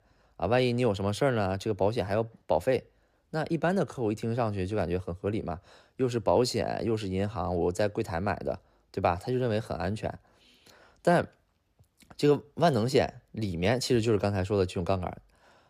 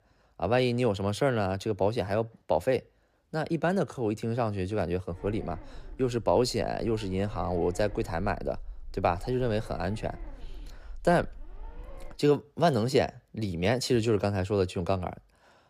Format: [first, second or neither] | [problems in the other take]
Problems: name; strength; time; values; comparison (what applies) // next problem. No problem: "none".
first | low rumble; faint; from 5 to 12 s; 25 dB below the speech